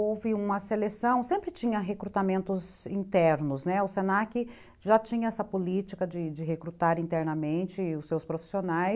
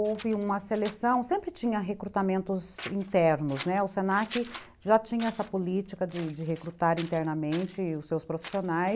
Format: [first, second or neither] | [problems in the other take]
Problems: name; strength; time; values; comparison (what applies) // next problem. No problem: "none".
first | background sound (Scissors); 19 dB below the speech